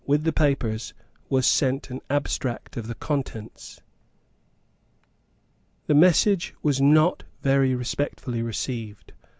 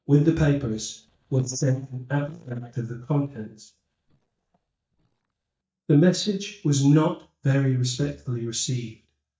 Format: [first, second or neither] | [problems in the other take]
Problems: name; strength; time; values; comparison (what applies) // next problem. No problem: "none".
first | noise reduction (neural mask model DeepFilterNet 3)